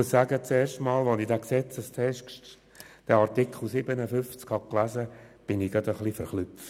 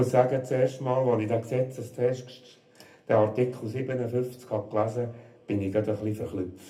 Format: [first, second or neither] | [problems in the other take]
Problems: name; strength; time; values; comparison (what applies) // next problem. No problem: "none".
first | room echo; dies away in 0.3 s